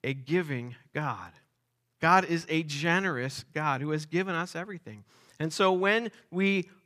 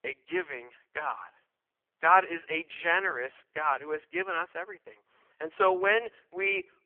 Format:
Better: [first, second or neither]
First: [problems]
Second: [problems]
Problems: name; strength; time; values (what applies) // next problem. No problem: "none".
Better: first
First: none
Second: phone-call audio; poor line